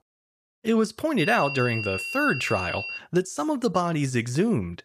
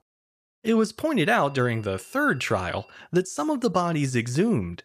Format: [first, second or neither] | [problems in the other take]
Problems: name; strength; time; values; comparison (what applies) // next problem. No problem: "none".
second | high-pitched whine; loud; from 1 to 3 s; 2.5 kHz, 5 dB below the speech; faint in the second